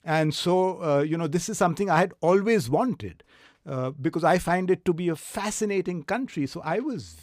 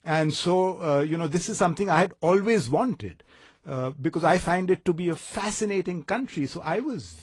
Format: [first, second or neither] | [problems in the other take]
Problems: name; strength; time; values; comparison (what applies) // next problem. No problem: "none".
first | garbled, watery; slightly; nothing above 10 kHz